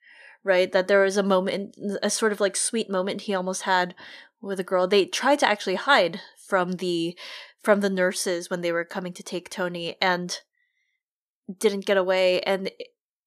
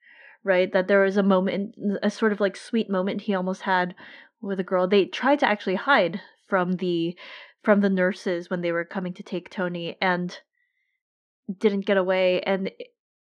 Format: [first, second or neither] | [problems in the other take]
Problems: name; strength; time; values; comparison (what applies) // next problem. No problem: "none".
first | muffled; slightly; fading above 2.5 kHz